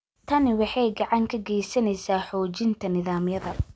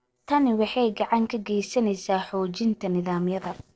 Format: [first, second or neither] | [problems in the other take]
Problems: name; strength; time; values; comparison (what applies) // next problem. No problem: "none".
first | noise reduction (neural separator model SepFormer DNS4)